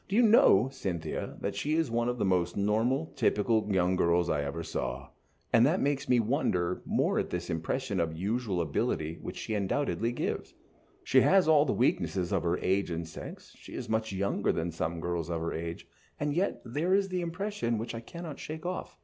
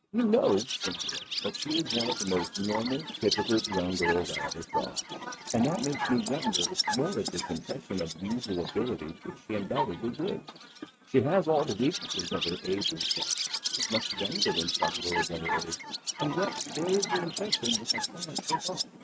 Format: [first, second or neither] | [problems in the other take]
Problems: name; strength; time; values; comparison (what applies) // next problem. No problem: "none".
first | noise reduction (neural mask model RNNoise)